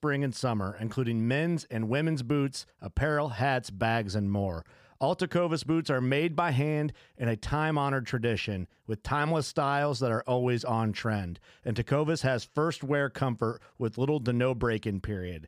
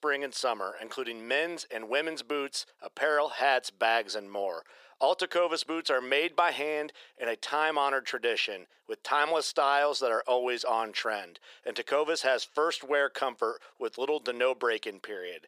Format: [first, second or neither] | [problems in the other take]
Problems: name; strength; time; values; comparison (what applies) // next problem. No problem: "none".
first | thin; very; fading below 450 Hz